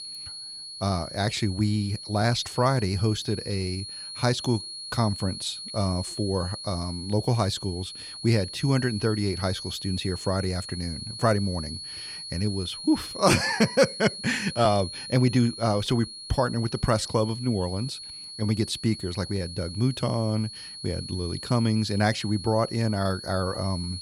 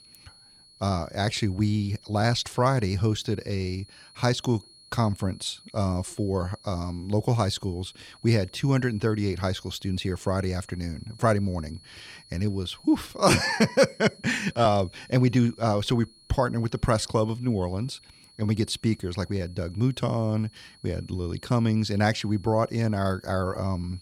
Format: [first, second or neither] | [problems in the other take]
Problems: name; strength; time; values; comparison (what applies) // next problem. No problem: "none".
second | high-pitched whine; loud; throughout; 4.5 kHz, 9 dB below the speech; faint in the second